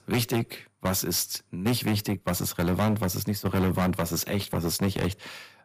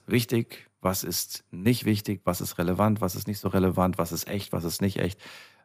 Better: second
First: distortion; heavy; 12% of the sound clipped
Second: none

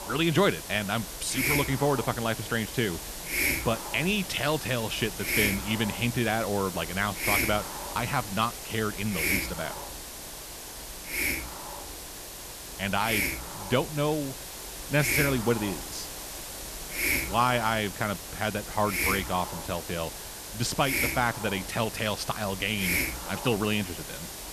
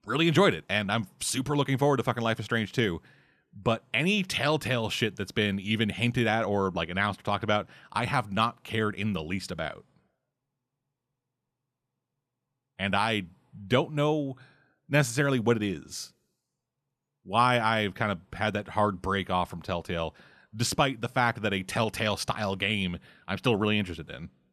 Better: second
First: hiss; loud; throughout; 3 dB below the speech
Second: none

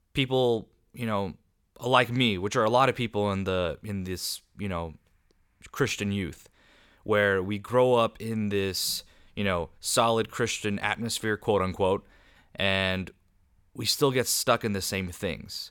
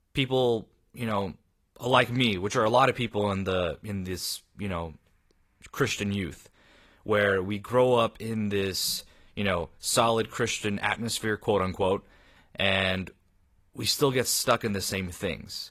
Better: first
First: none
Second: garbled, watery; slightly; nothing above 14.5 kHz

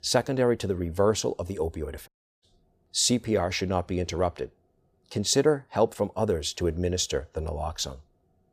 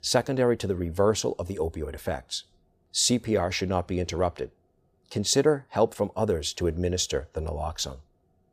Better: second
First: audio cutting out; at 2 s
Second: none

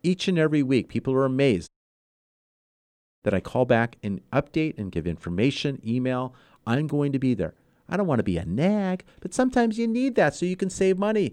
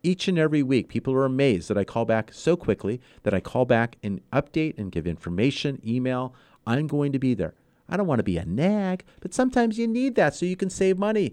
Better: second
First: audio cutting out; at 1.5 s for 1.5 s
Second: none

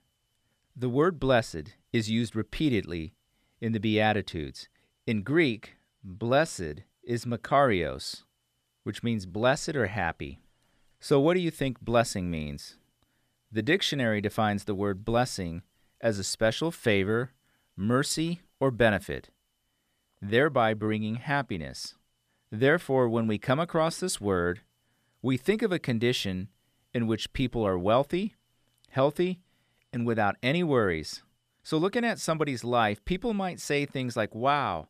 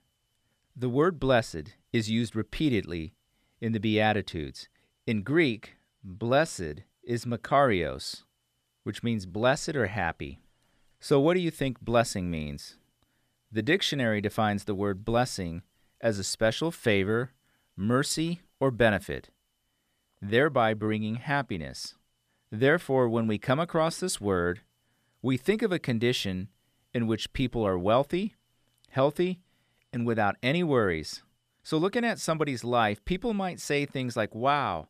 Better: neither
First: none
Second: none

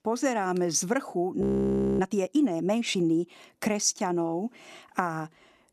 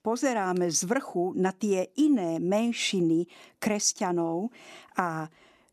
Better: second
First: audio freezing; at 1.5 s for 0.5 s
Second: none

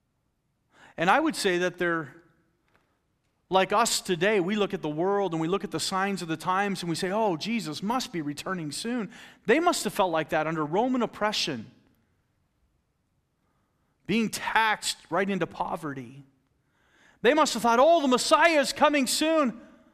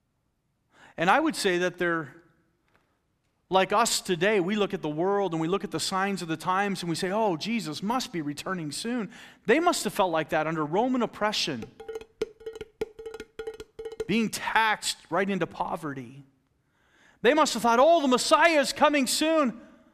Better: first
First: none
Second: clattering dishes; faint; from 12 to 14 s; peak 10 dB below the speech

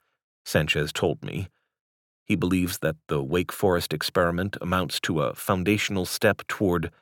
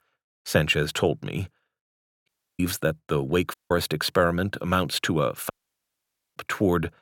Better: first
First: none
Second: audio cutting out; at 2.5 s, at 3.5 s and at 5.5 s for 1 s

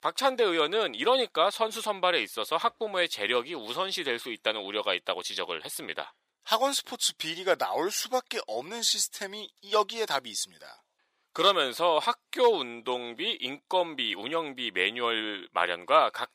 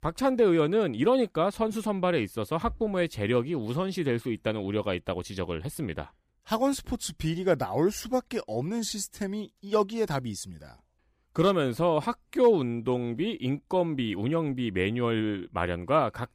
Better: second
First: thin; very; fading below 700 Hz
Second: none

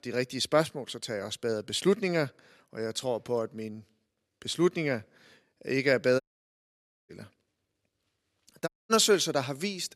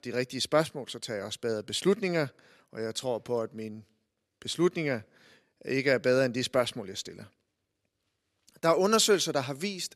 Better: second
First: audio cutting out; at 6 s for 1 s and at 8.5 s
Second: none

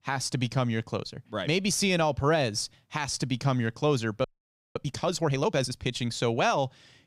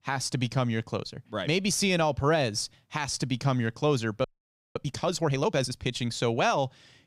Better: neither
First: audio freezing; at 4 s for 0.5 s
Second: audio freezing; at 4 s for 0.5 s

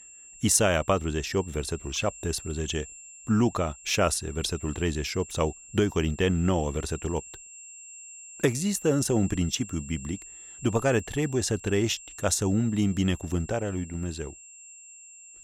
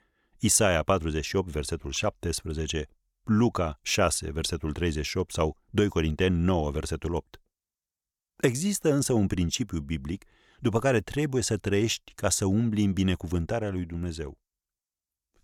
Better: second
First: high-pitched whine; noticeable; throughout; 7.5 kHz, 15 dB below the speech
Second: none

